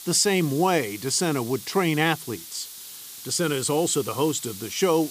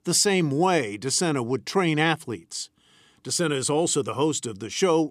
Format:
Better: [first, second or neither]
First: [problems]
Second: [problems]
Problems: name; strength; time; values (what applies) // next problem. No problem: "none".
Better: second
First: hiss; noticeable; throughout; 15 dB below the speech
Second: none